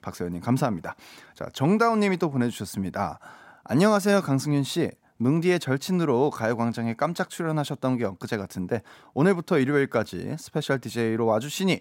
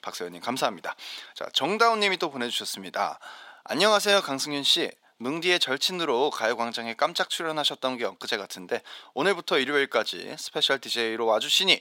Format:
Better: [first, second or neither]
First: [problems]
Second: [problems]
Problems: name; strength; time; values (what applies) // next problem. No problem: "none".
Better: first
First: none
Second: thin; somewhat; fading below 450 Hz